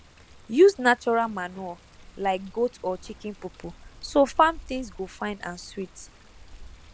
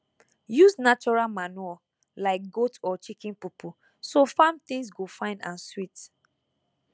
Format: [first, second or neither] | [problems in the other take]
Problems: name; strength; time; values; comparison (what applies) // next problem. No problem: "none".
second | background sound (Water); 20 dB below the speech